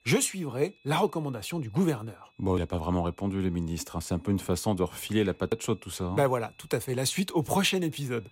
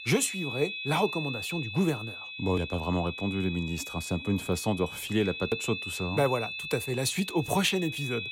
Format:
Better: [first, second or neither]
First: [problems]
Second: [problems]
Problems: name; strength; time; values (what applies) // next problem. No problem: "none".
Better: first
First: high-pitched whine; faint; throughout; 2.5 kHz, 35 dB below the speech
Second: high-pitched whine; loud; throughout; 2.5 kHz, 6 dB below the speech